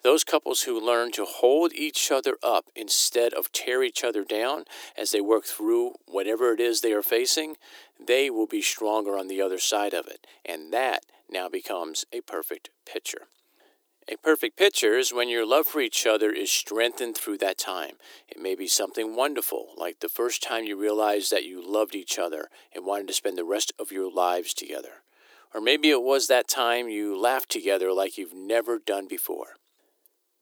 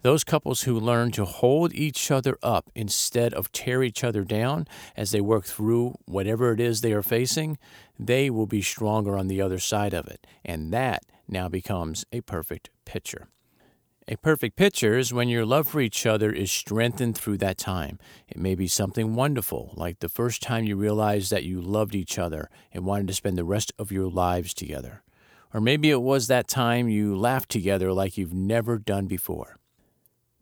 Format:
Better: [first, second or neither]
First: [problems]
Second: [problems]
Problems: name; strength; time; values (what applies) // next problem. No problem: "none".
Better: second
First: thin; very; fading below 300 Hz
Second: none